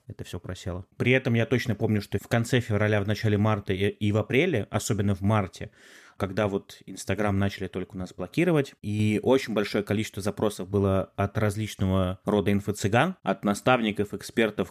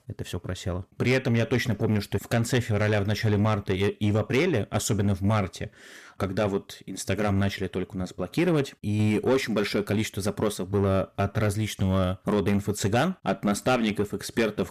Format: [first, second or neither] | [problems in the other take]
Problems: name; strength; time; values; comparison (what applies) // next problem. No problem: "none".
first | distortion; slight; 10 dB below the speech